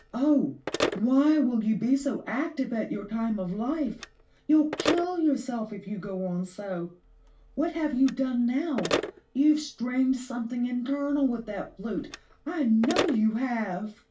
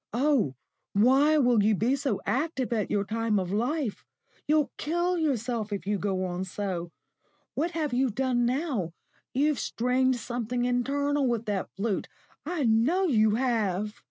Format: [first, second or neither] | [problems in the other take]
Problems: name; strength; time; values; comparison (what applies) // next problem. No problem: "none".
second | background sound (Telephone); 10 dB below the speech // room echo; dies away in 0.3 s